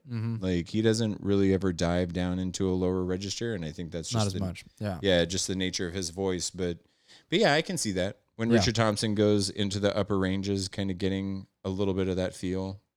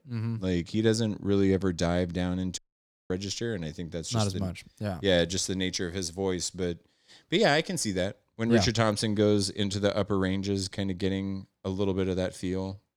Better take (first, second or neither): first